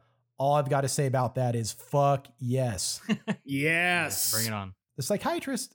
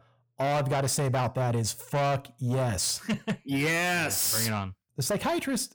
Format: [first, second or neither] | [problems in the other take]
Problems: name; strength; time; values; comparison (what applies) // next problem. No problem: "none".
first | distortion; heavy; 8 dB below the speech